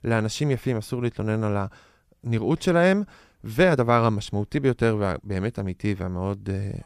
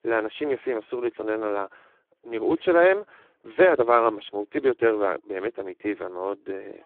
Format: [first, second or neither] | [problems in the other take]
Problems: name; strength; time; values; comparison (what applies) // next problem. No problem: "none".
first | phone-call audio; poor line